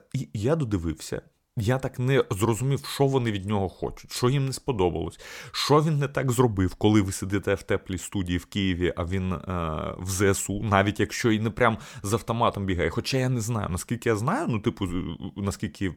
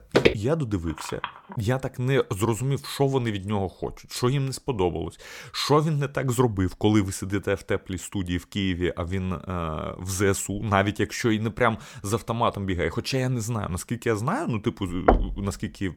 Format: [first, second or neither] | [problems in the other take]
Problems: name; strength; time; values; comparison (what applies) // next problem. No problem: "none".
first | footsteps; loud; at the start; peak 5 dB above the speech // phone ringing; noticeable; at 1 s; peak 9 dB below the speech // door banging; loud; at 15 s; peak 4 dB above the speech